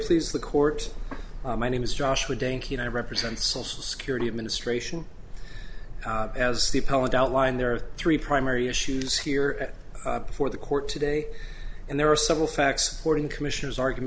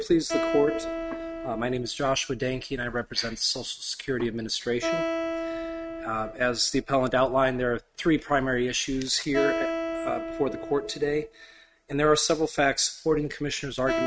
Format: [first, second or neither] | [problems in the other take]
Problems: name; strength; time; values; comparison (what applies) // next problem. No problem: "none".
first | noise reduction (neural mask model RNNoise)